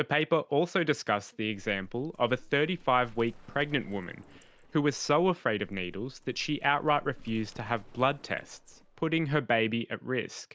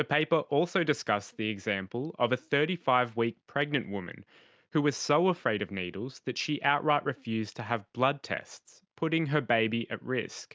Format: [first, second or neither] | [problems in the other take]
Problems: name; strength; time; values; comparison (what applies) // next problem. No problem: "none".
second | background sound (Livestock, farm animals, working animals); 20 dB below the speech